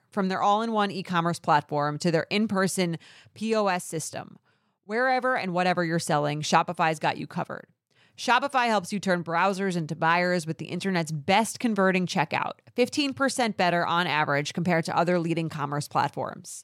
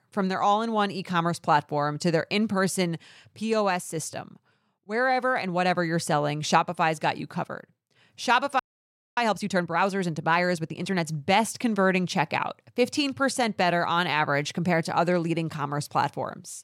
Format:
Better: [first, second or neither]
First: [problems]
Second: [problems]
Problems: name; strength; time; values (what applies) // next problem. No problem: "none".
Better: first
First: none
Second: audio freezing; at 8.5 s for 0.5 s